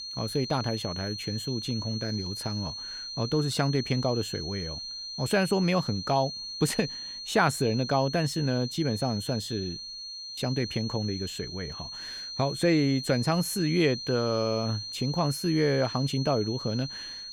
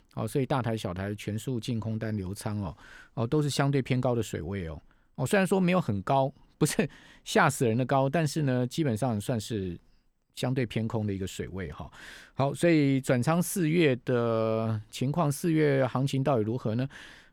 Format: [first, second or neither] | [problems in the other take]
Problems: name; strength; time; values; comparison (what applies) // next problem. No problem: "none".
second | high-pitched whine; loud; throughout; 4 kHz, 7 dB below the speech